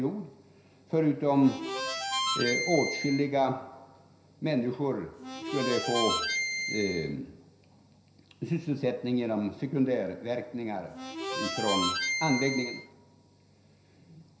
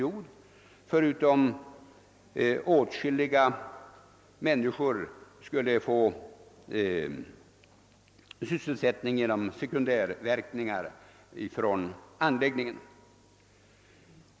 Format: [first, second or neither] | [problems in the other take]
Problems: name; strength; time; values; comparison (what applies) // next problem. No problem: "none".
second | background sound (Harmonica); 2 dB below the speech // room echo; dies away in 0.5 s